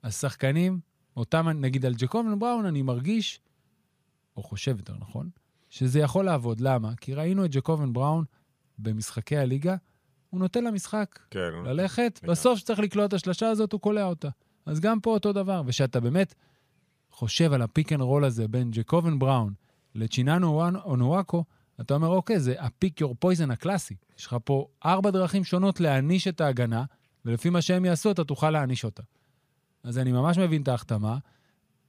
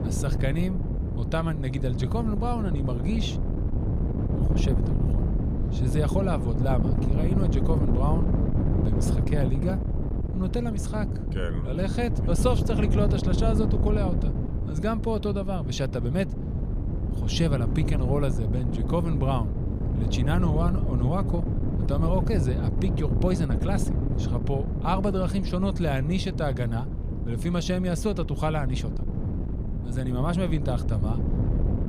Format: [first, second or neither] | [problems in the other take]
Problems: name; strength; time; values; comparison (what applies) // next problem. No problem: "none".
first | wind noise on the microphone; heavy; 5 dB below the speech